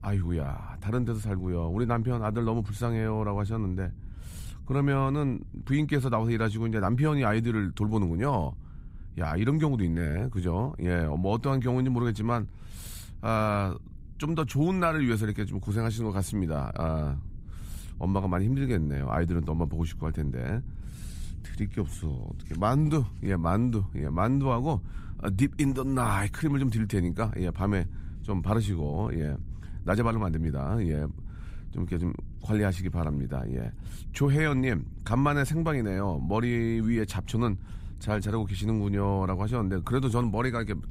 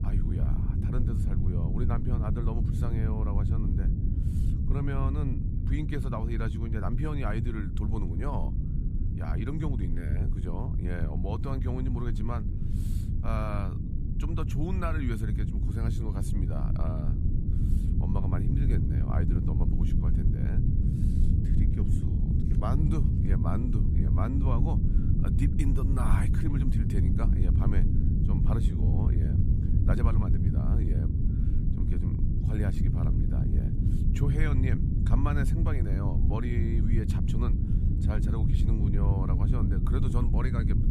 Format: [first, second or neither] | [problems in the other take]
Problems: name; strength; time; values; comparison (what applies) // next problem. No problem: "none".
first | low rumble; loud; throughout; 1 dB below the speech; faint in the first